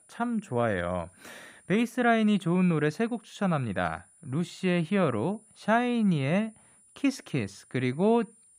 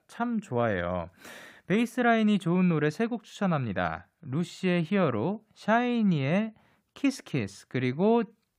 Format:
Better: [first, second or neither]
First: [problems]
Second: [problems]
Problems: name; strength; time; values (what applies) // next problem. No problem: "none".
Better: second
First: high-pitched whine; faint; throughout; 9.5 kHz, 30 dB below the speech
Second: none